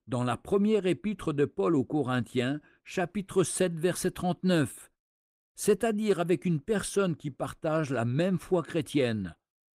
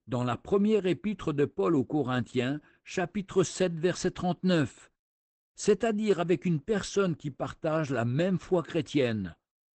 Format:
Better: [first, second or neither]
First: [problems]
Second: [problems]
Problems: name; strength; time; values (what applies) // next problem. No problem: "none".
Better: first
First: garbled, watery; slightly; nothing above 15.5 kHz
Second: garbled, watery; badly; nothing above 8 kHz